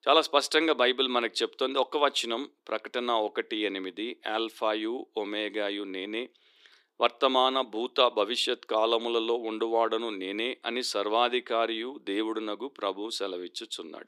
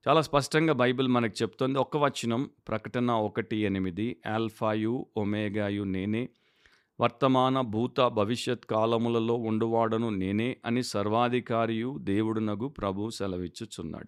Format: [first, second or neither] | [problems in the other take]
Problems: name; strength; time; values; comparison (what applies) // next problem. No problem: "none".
second | thin; somewhat; fading below 300 Hz